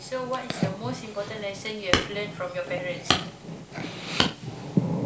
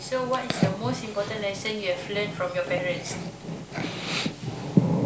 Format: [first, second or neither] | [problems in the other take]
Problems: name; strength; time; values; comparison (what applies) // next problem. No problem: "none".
second | background sound (Hammer); as loud as the speech